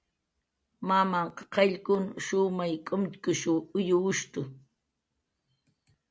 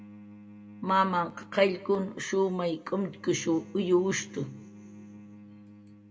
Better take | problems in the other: first | background sound (Bowed string instrument); 19 dB below the speech // room echo; dies away in 1.9 s

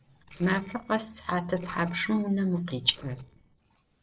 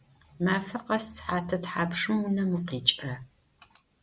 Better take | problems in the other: second | noise reduction (neural separator model SepFormer DNS4)

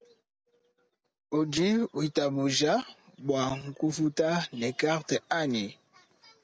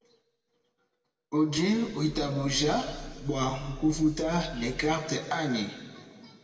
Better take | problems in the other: first | background sound (Growling); 14 dB below the speech // room echo; dies away in 2.1 s

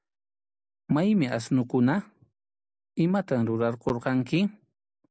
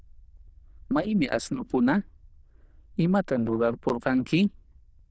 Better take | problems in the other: first | noise reduction (neural diffusion model UNIVERSE++)

